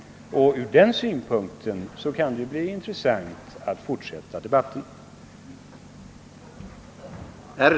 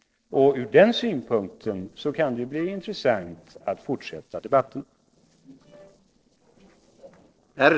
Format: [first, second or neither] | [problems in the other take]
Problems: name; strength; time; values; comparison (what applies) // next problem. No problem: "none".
first | noise reduction (neural separator model SepFormer DNS4)